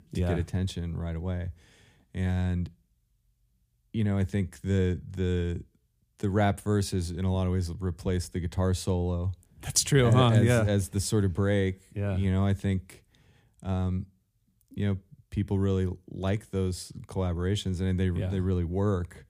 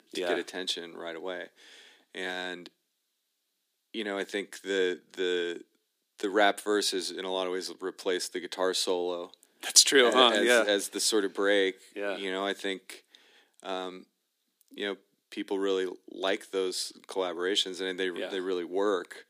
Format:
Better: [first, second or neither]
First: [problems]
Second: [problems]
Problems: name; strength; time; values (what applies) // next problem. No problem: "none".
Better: first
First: none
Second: thin; very; fading below 300 Hz